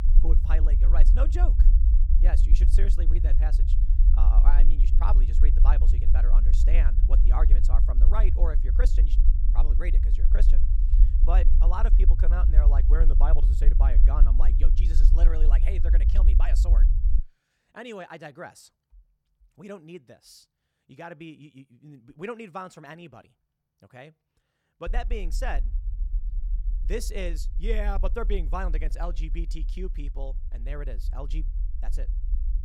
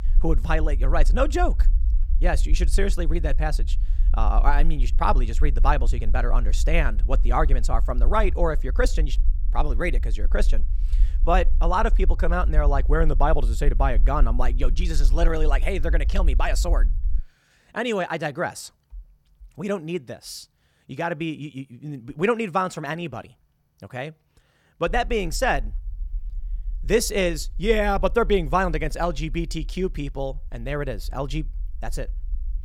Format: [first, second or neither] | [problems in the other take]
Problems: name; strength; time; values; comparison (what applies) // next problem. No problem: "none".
second | low rumble; loud; until 17 s and from 25 s on; 8 dB below the speech; faint in the second